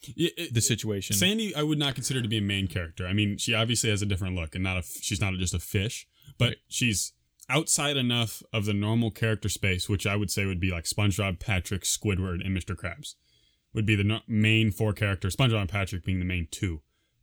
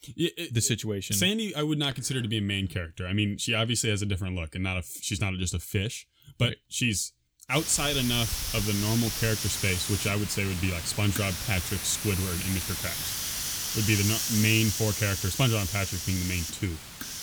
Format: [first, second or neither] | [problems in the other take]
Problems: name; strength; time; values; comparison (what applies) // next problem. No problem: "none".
first | hiss; loud; from 7.5 s on; 3 dB below the speech